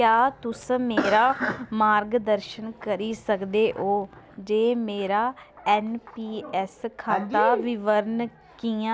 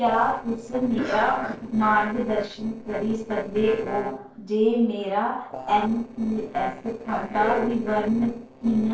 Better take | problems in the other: first | noise reduction (neural separator model SepFormer DNS4)

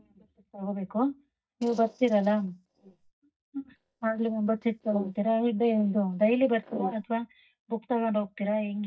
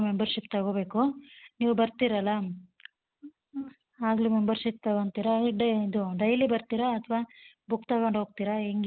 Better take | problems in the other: second | noise reduction (neural mask model DeepFilterNet 3)

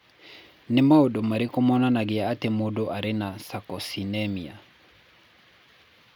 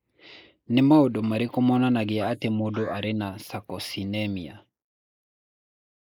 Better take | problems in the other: first | noise reduction (neural mask model Resemble Enhance denoiser)

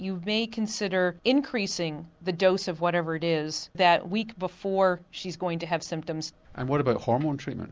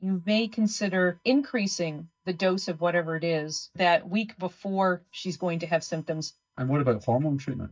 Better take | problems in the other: first | noise reduction (neural mask model DeepFilterNet 3)

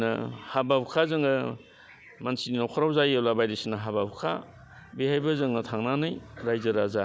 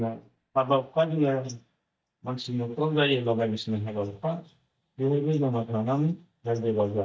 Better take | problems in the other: first | noise reduction (neural mask model DeepFilterNet 3)

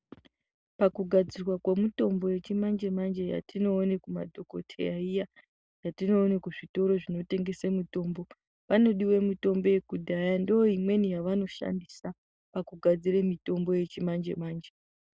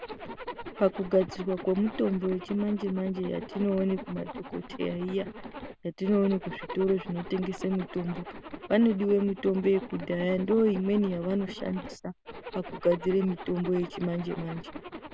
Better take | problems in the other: first | background sound (Zipper (clothing)); 12 dB below the speech

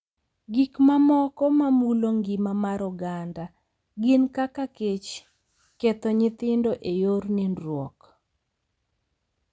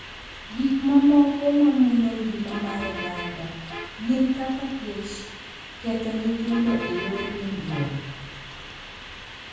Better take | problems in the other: first | background sound (Bus); 13 dB below the speech // room echo; dies away in 1.2 s

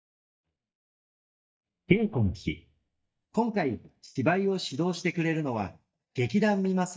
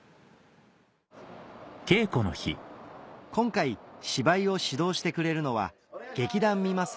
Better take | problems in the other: second | noise reduction (neural mask model DeepFilterNet 3)

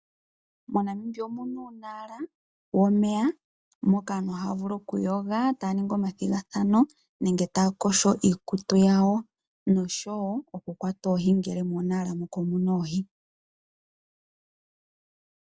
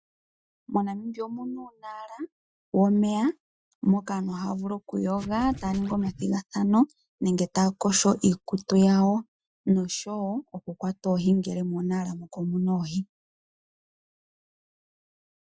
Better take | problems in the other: first | noise reduction (classical method Wiener filter)

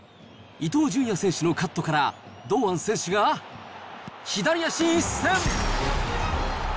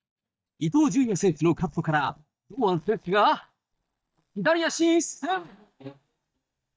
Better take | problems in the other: first | noise reduction (neural mask model DeepFilterNet 3)

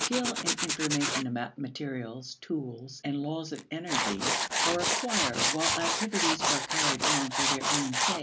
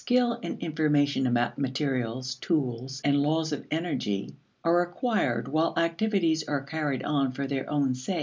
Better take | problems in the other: second | background sound (Tools); 3 dB above the speech

